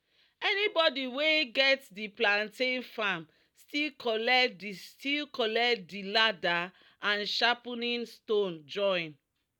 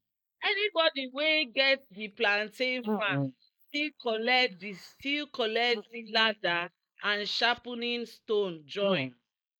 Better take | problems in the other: first | noise reduction (neural mask model Resemble Enhance denoiser)

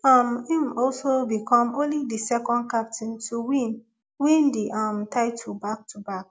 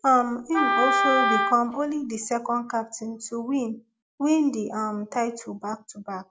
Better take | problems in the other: first | background sound (Wind instrument, woodwind instrument); 1 dB above the speech

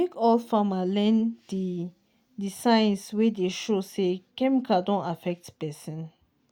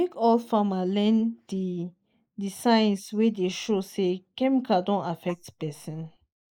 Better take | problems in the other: first | noise reduction (neural mask model Resemble Enhance denoiser)

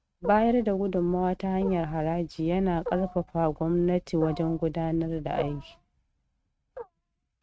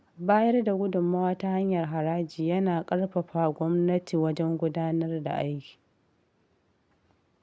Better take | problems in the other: second | noise reduction (neural mask model RNNoise)

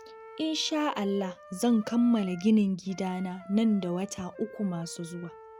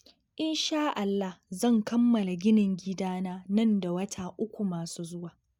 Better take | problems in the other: second | background sound (Wind instrument, woodwind instrument); 19 dB below the speech

